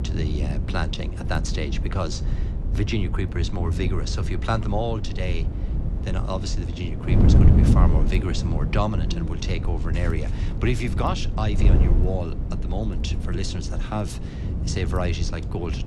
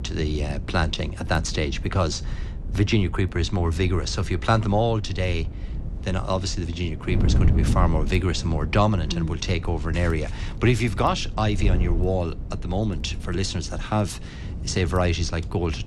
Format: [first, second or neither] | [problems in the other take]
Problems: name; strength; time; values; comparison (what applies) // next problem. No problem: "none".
second | wind noise on the microphone; heavy; 5 dB below the speech; occasional gusts in the second